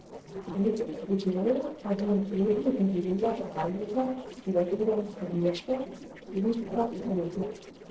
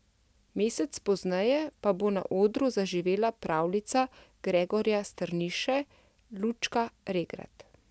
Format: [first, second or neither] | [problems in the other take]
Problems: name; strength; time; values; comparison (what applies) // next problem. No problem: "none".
second | noise reduction (neural separator model SepFormer DNS4)